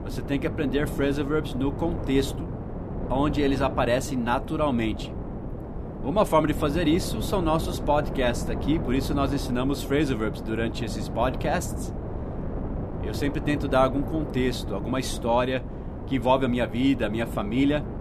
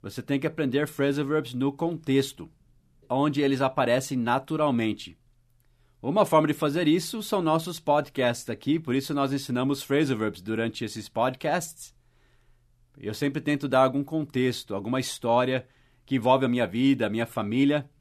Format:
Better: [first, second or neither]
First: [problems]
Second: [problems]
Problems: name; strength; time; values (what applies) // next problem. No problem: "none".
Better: second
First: wind noise on the microphone; occasional gusts; 10 dB below the speech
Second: none